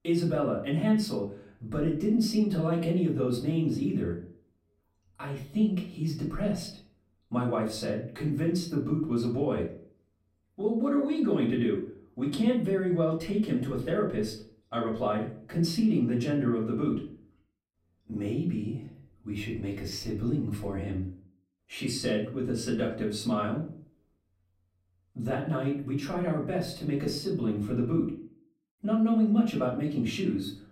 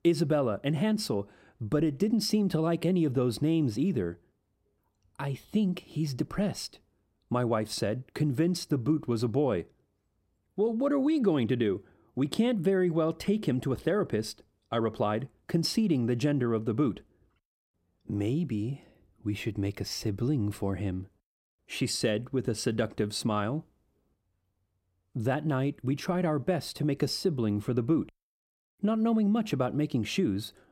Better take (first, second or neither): second